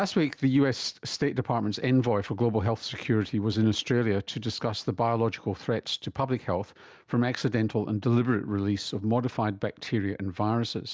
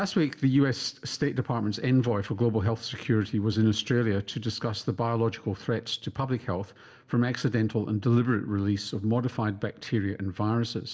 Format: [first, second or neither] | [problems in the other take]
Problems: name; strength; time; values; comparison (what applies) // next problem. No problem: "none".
first | room echo; dies away in 0.3 s